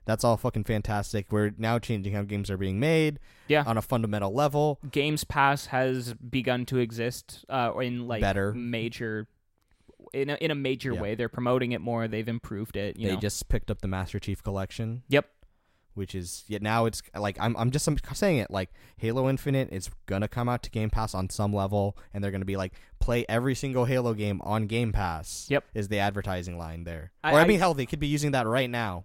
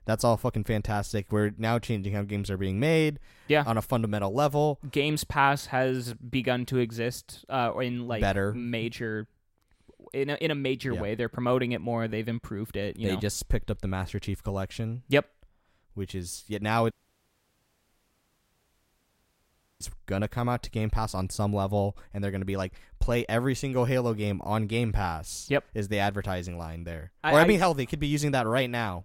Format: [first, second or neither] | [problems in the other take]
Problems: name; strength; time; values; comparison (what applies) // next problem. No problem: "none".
first | audio cutting out; at 17 s for 3 s